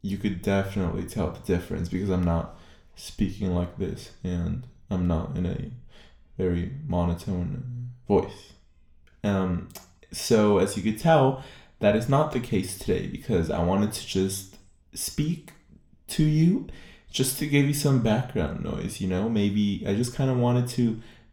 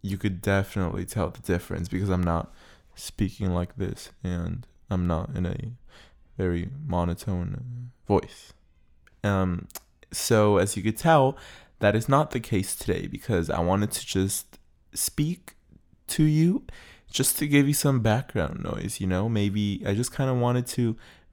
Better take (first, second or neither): second